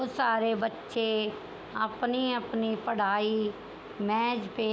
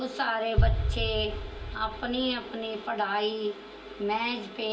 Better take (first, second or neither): first